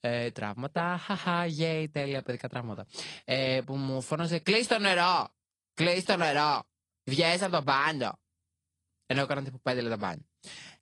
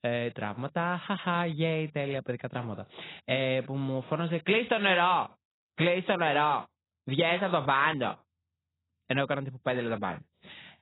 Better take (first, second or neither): first